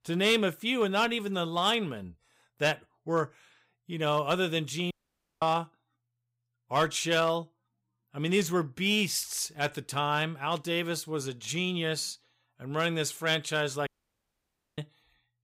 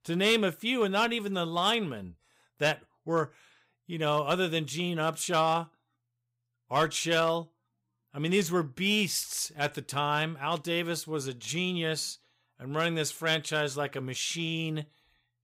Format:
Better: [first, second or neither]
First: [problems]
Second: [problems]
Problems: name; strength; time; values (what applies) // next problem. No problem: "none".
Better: second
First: audio cutting out; at 5 s for 0.5 s and at 14 s for 1 s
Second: none